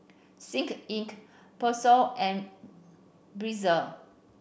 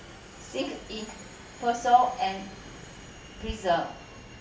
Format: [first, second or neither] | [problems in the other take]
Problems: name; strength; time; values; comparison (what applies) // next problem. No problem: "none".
first | background sound (Subway, metro, underground); 15 dB below the speech // room echo; dies away in 0.3 s